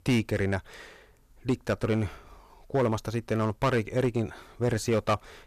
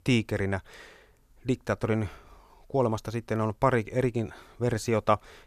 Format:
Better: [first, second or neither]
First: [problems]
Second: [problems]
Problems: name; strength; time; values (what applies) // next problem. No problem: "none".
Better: second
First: distortion; slight; 4% of the sound clipped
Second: none